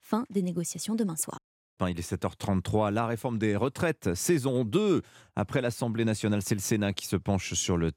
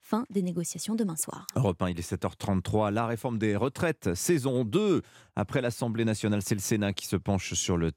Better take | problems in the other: second | audio cutting out; at 1.5 s

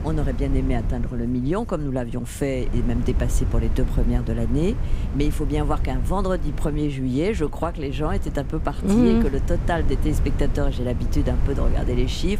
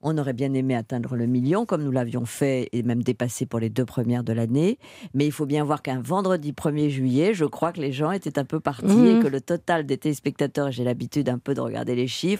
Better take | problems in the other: second | wind noise on the microphone; occasional gusts; 10 dB below the speech

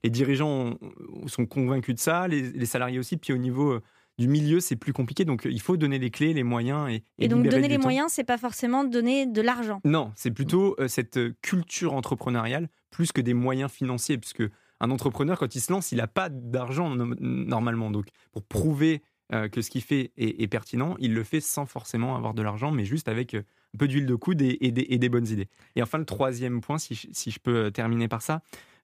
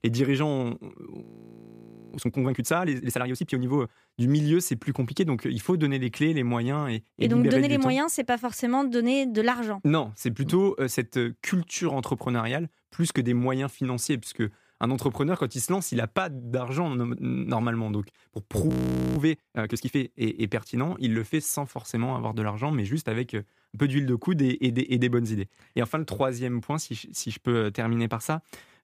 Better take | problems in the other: first | audio freezing; at 1 s for 1 s and at 19 s

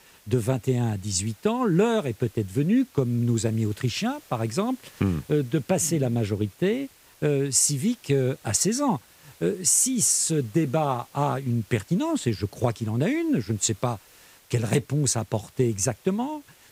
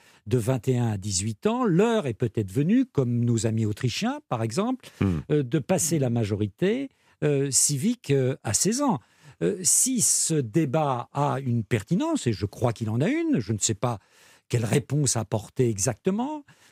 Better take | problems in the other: second | hiss; faint; throughout; 25 dB below the speech

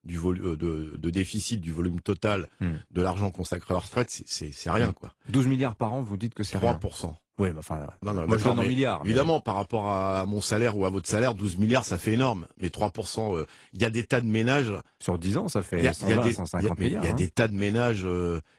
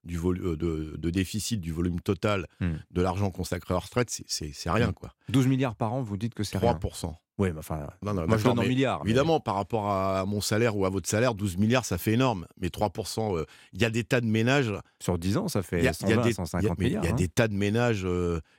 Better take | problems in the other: second | garbled, watery; slightly; nothing above 15.5 kHz

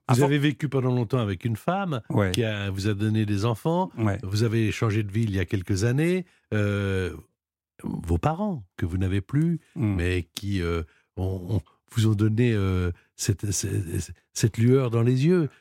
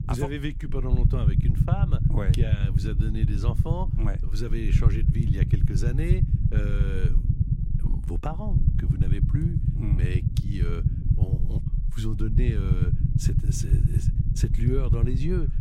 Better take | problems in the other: first | low rumble; loud; throughout; 1 dB below the speech

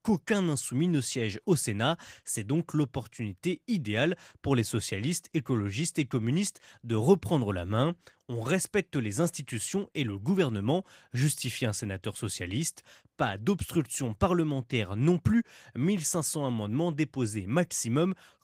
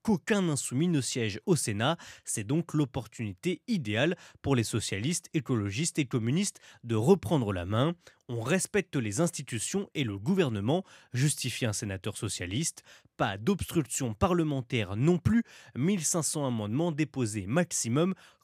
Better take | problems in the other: second | garbled, watery; slightly; nothing above 15.5 kHz

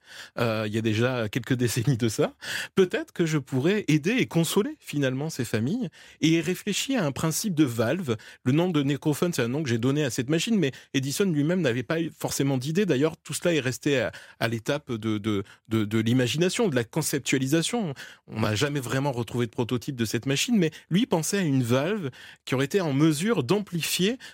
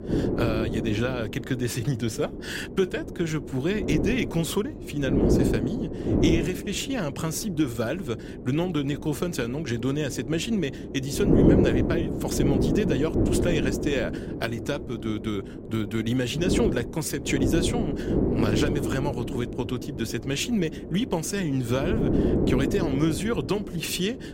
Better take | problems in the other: first | wind noise on the microphone; heavy; 2 dB below the speech

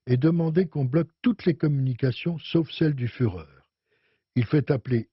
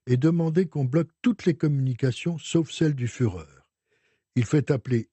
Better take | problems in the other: second | garbled, watery; badly; nothing above 5.5 kHz; slightly in the second

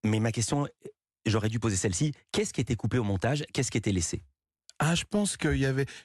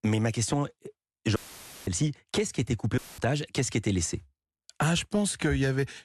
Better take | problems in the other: first | audio cutting out; filled with static; at 1.5 s for 0.5 s and at 3 s

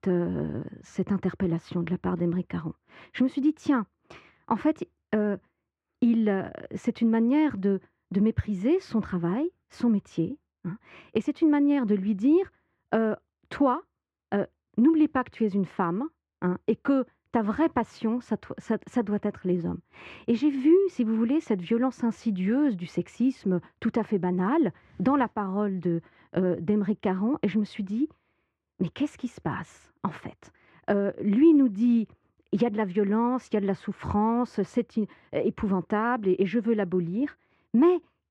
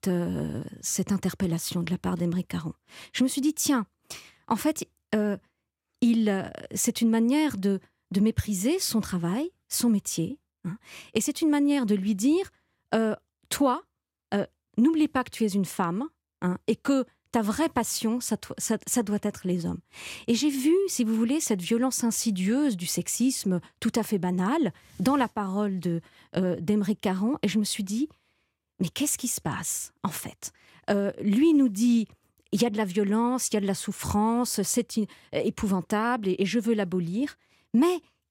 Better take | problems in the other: second | muffled; very; fading above 1.5 kHz

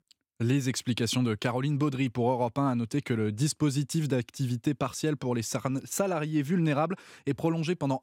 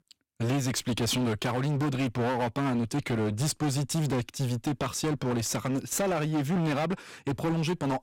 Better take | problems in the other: first | distortion; heavy; 27% of the sound clipped

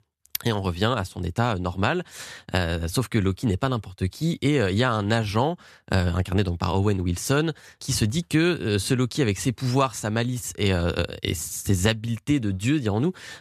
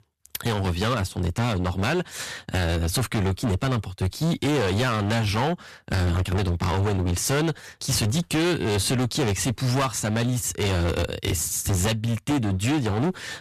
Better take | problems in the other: first | distortion; heavy; 23% of the sound clipped

